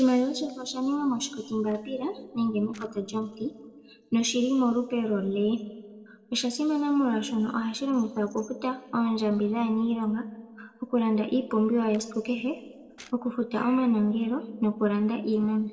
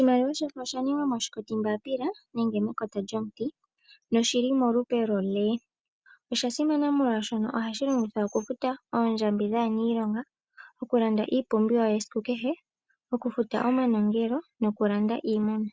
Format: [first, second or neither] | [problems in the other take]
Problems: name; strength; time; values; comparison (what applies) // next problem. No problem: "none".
second | noise reduction (neural separator model SepFormer DNS4)